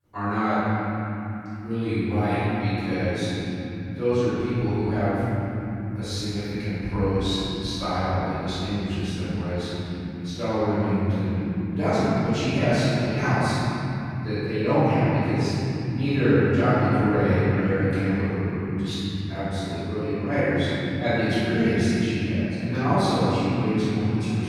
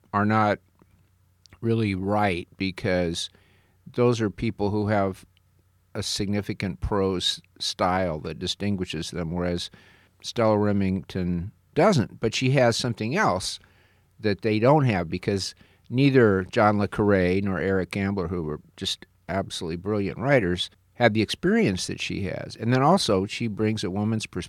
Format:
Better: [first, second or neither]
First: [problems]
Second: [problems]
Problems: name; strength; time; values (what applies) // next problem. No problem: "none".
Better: second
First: room echo; strong; dies away in 3 s // off-mic speech; far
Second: none